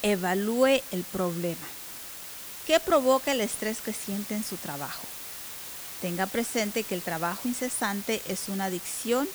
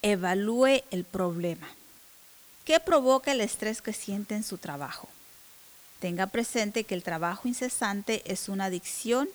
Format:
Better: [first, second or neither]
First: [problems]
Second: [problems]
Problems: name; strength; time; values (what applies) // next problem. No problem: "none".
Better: second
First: hiss; loud; throughout; 9 dB below the speech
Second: hiss; faint; throughout; 20 dB below the speech